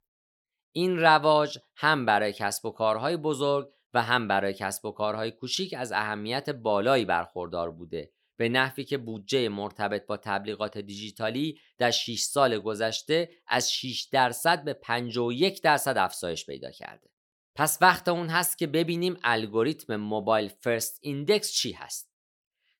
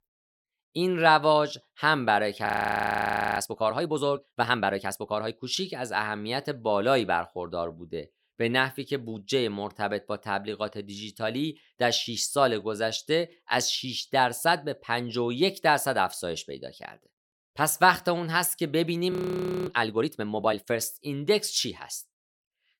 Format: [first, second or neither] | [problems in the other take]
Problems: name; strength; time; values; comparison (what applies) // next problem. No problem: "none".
first | audio freezing; at 2.5 s for 1 s and at 19 s for 0.5 s